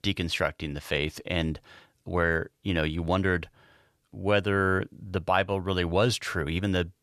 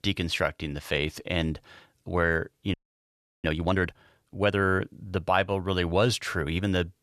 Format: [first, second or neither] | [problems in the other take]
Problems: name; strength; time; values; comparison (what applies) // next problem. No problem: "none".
first | audio freezing; at 2.5 s for 0.5 s